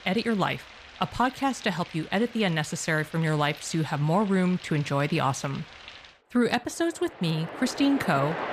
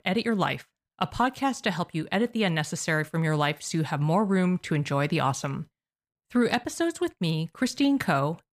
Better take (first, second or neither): second